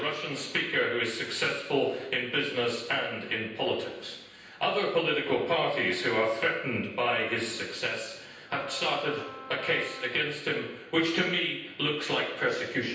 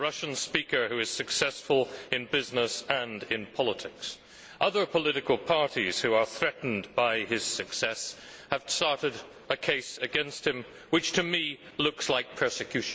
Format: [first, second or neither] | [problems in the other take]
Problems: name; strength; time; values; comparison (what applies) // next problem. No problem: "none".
second | background sound (Wind instrument, woodwind instrument); 16 dB below the speech // room echo; dies away in 0.9 s